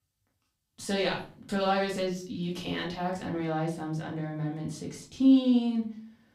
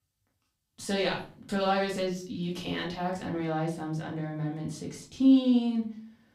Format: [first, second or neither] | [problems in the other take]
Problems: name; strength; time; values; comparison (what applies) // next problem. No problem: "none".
neither | off-mic speech; far; the same in both // room echo; slight; dies away in 0.4 s; the same in both